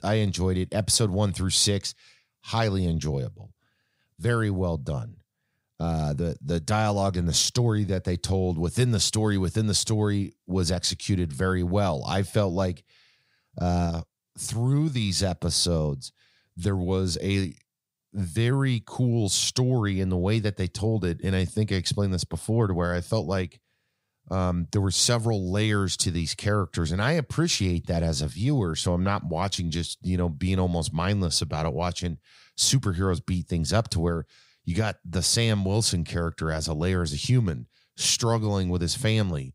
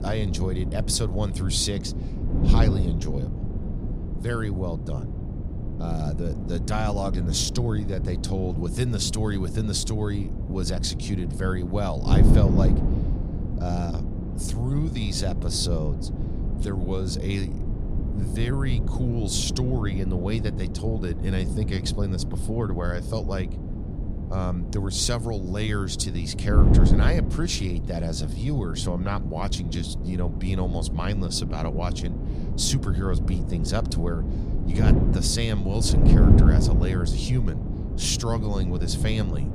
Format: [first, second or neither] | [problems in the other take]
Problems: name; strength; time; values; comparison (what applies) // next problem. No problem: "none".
first | wind noise on the microphone; heavy; 6 dB below the speech